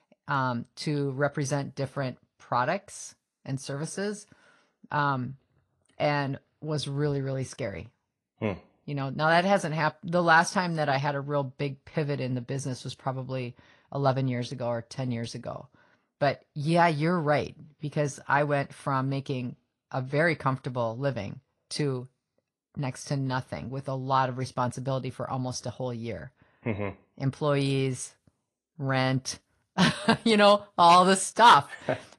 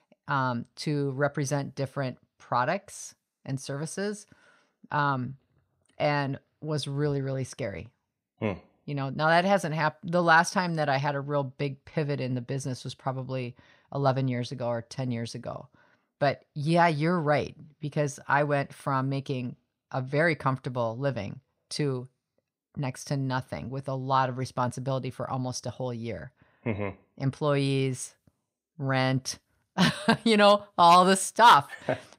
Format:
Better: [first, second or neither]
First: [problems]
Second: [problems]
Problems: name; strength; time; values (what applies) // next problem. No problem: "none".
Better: second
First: garbled, watery; slightly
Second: none